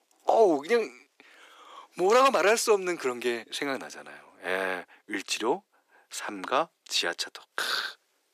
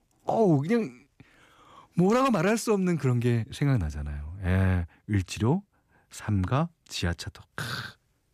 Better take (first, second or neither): second